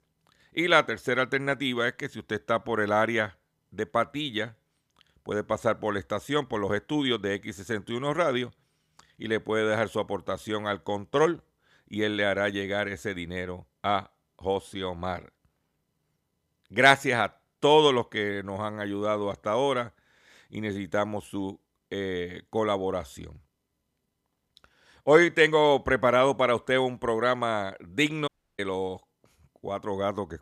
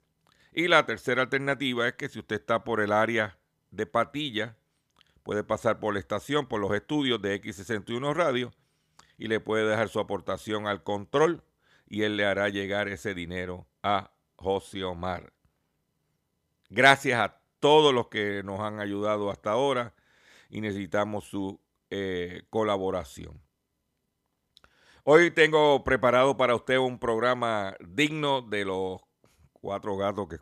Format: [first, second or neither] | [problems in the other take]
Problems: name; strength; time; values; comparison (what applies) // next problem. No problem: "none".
second | audio cutting out; at 28 s